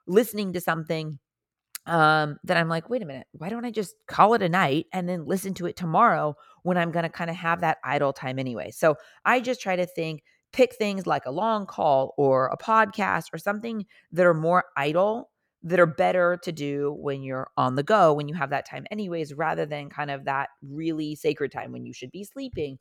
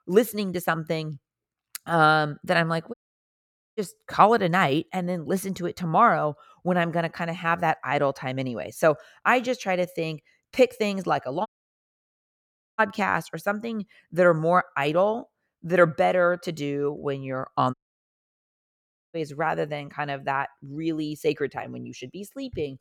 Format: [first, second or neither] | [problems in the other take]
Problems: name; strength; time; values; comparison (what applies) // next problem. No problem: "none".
first | audio cutting out; at 3 s for 1 s, at 11 s for 1.5 s and at 18 s for 1.5 s